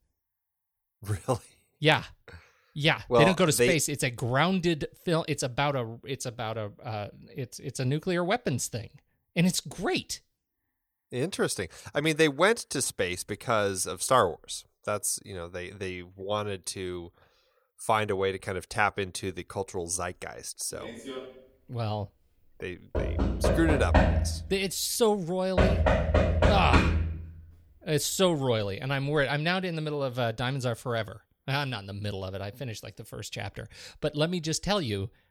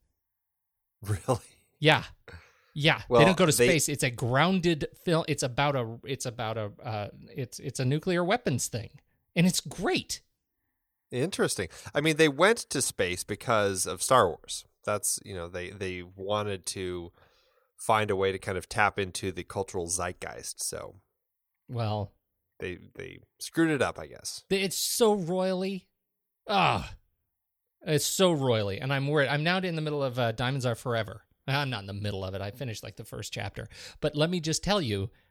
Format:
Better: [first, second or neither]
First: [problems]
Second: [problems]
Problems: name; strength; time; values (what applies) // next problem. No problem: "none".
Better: second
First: door banging; loud; from 21 to 27 s; peak 6 dB above the speech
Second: none